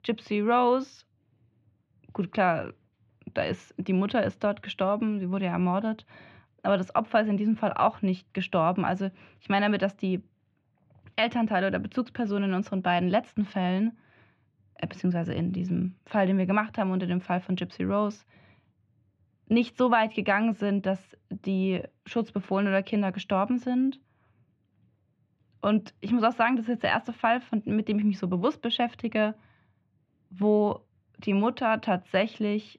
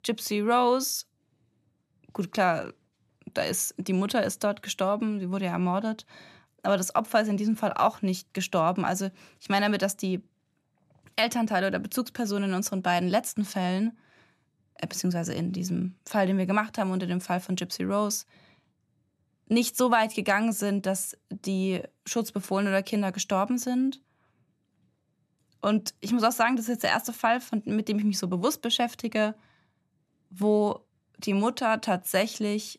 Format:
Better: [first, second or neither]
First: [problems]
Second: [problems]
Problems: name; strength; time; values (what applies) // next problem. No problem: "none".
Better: second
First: muffled; very; fading above 3 kHz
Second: none